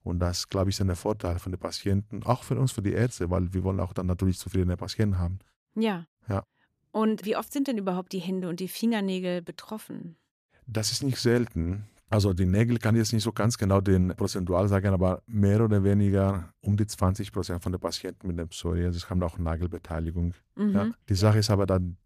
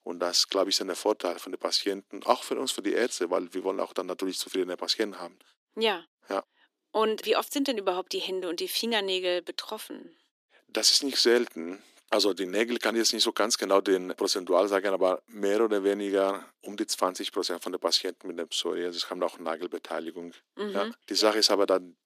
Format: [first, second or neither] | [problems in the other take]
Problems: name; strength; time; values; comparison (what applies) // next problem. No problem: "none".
first | thin; very; fading below 300 Hz